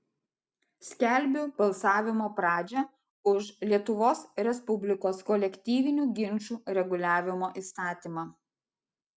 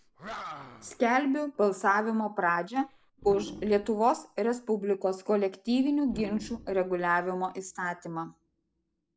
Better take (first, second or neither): first